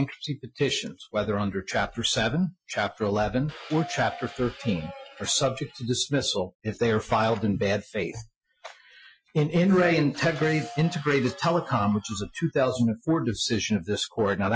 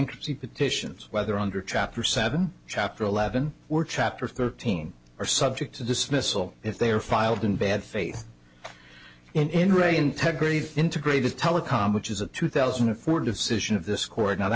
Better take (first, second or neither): second